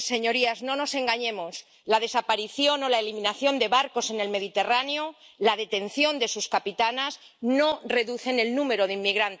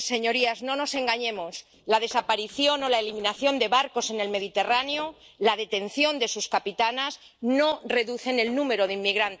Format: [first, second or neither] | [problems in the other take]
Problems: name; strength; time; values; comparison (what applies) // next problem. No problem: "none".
first | noise reduction (neural separator model SepFormer DNS4)